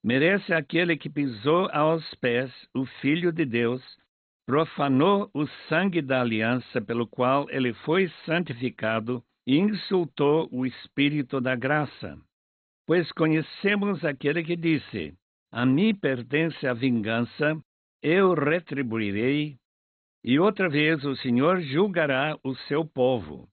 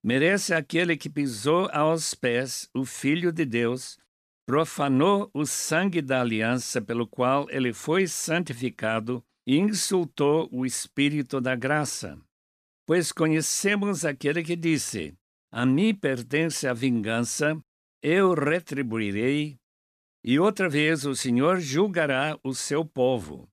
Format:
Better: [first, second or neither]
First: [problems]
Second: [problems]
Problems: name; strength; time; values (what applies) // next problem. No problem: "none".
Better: second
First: garbled, watery; badly; nothing above 4 kHz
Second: none